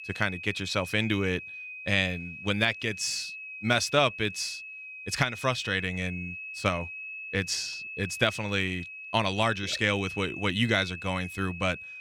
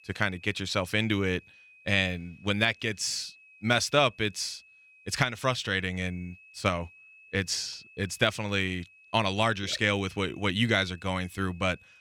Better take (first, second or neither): second